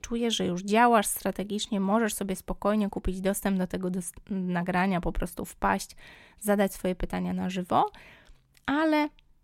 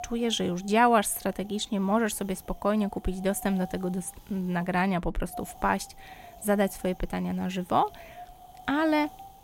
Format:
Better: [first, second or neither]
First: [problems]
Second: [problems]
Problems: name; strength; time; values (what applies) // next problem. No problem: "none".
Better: first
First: none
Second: wind noise on the microphone; occasional gusts; 20 dB below the speech